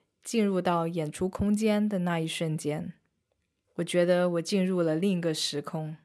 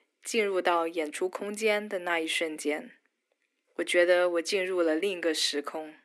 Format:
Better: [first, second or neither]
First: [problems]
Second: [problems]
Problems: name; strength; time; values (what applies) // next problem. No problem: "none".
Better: first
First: none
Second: thin; very; fading below 250 Hz